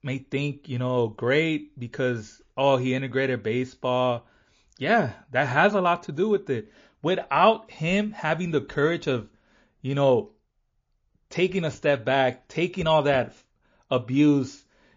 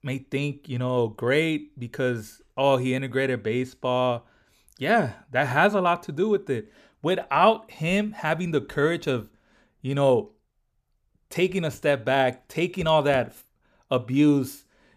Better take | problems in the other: second | garbled, watery; slightly

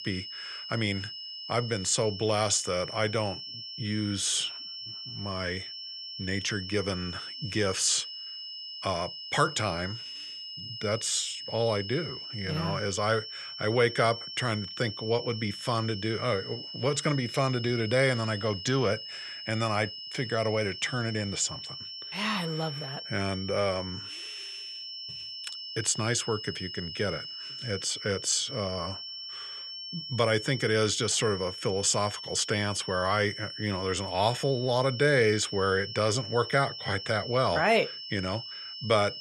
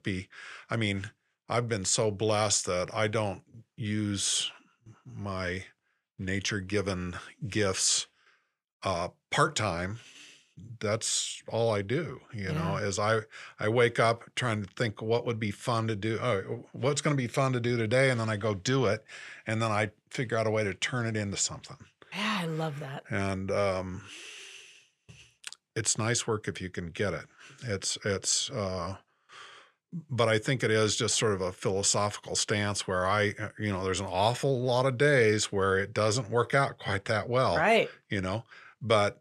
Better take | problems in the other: second | high-pitched whine; loud; throughout; 5.5 kHz, 9 dB below the speech

